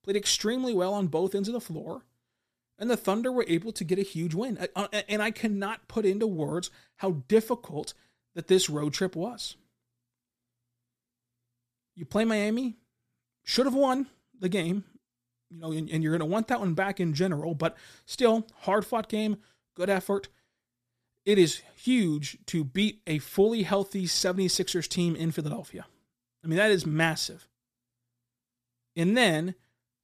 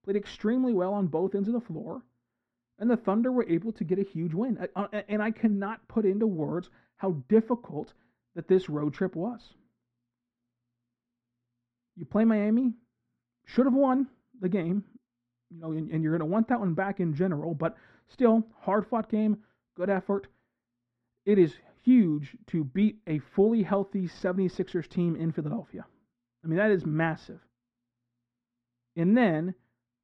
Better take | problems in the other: first | muffled; very; fading above 1.5 kHz

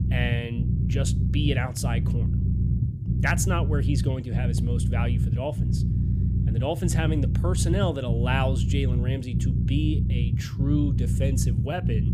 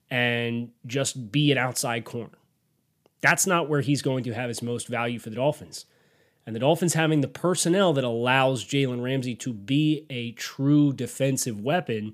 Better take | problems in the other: second | low rumble; loud; throughout; 6 dB below the speech

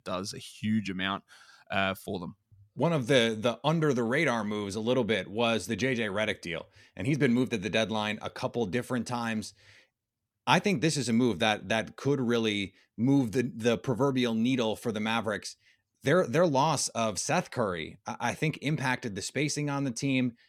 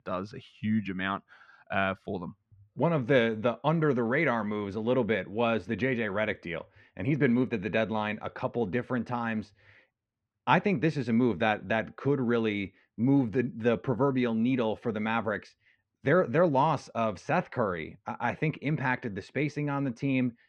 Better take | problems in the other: first | muffled; very; fading above 2 kHz

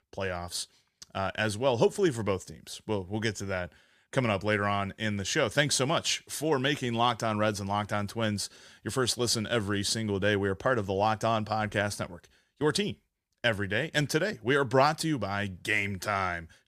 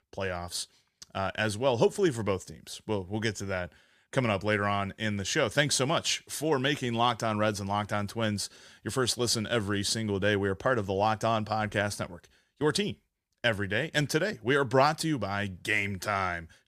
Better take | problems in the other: neither | none

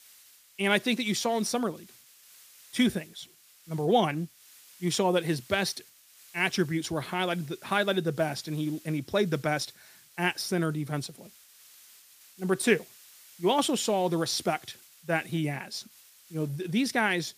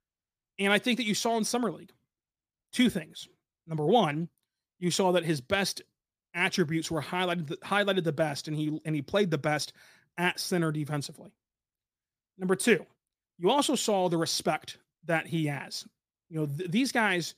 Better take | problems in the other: second | hiss; faint; throughout; 25 dB below the speech

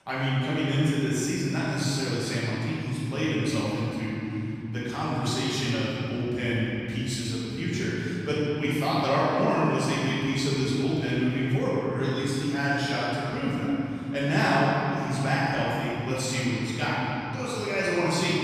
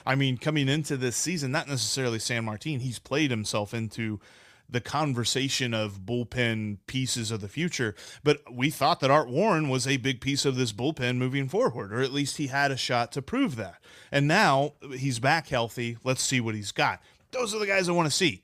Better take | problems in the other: second | room echo; strong; dies away in 3 s // off-mic speech; far

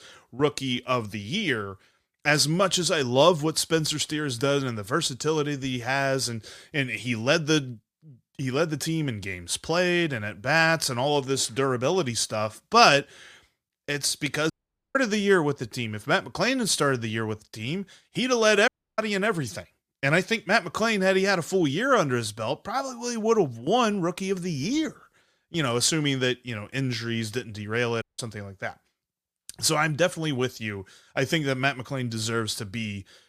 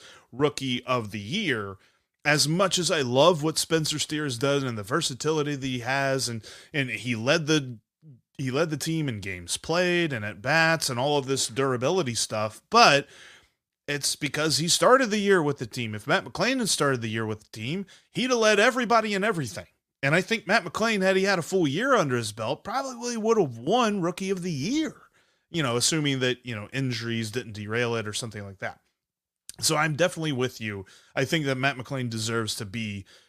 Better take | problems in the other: second | audio cutting out; at 15 s, at 19 s and at 28 s

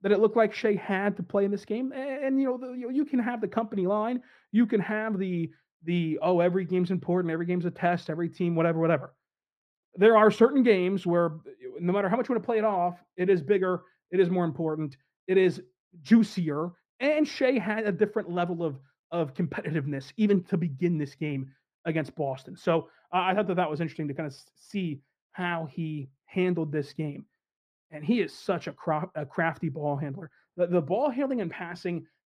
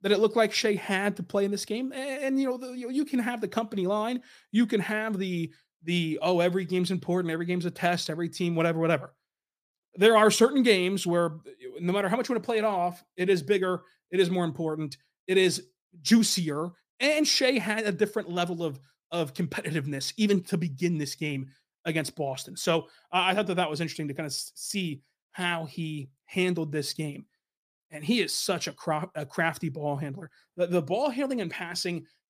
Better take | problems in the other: second | muffled; very; fading above 3.5 kHz

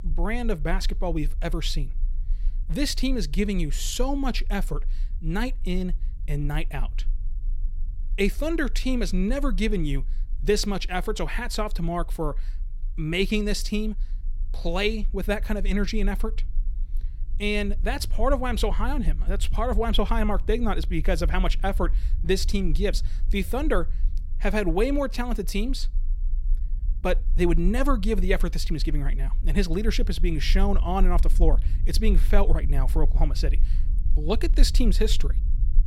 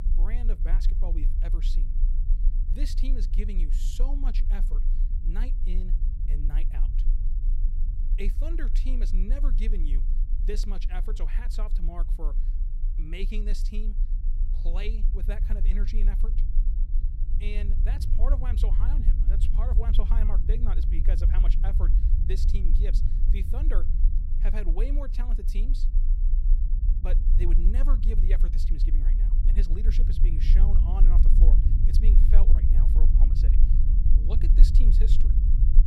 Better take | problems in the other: first | low rumble; loud; throughout; 5 dB below the speech; faint in the first

